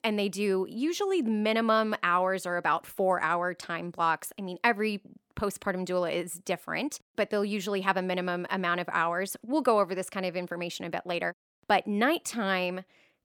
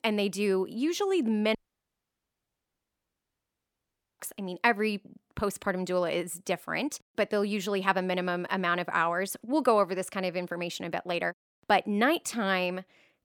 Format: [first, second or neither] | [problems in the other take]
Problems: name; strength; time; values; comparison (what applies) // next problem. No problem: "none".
first | audio cutting out; at 1.5 s for 2.5 s